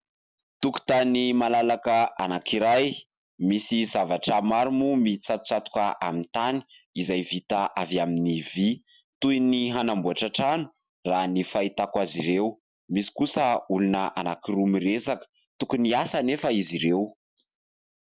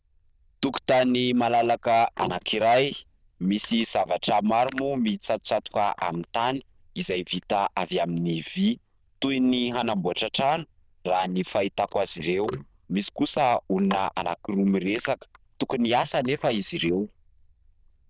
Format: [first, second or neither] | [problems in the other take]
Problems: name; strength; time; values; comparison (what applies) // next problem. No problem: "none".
first | noise reduction (neural diffusion model UNIVERSE++)